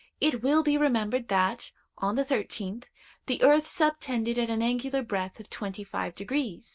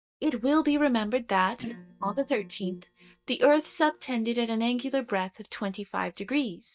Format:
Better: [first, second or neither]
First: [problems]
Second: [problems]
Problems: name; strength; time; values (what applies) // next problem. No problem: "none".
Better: first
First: none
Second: noise reduction (neural mask model DeepFilterNet 3)